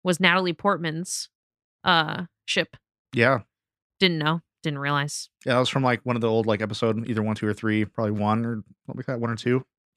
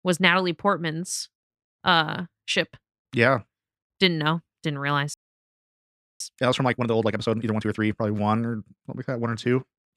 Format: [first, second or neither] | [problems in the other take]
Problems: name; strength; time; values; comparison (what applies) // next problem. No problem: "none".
first | audio freezing; at 5 s for 1 s